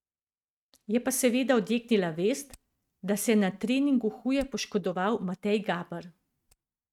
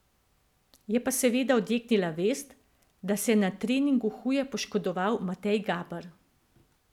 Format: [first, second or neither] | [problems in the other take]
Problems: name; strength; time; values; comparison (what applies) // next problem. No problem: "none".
second | noise reduction (neural mask model RNNoise)